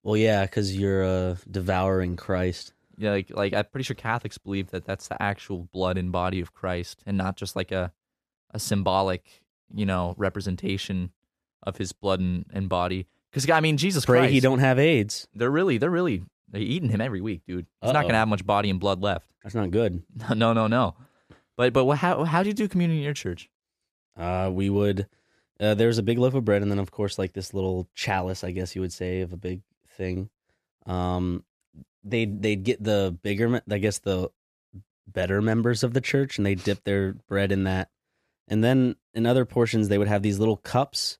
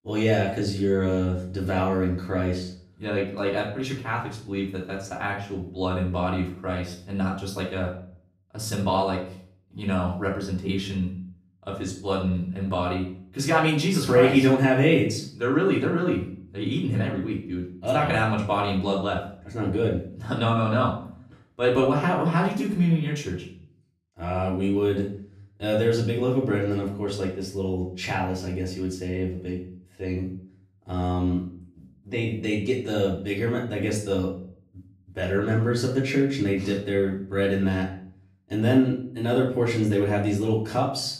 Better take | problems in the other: first | room echo; slight; dies away in 0.5 s // off-mic speech; far

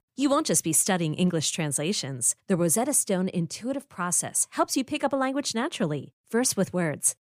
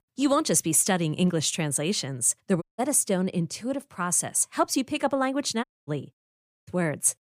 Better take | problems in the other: first | audio cutting out; at 2.5 s, at 5.5 s and at 6 s

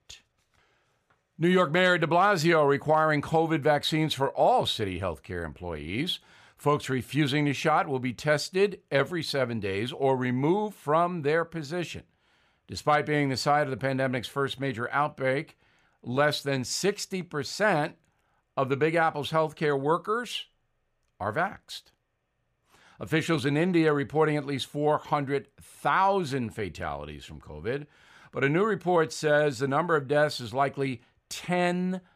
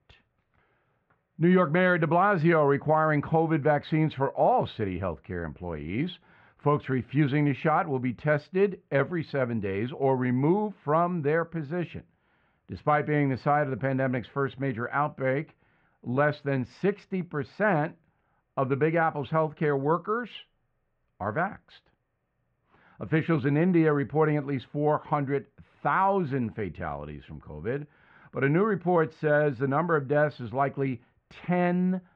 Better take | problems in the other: first | muffled; very; fading above 2 kHz

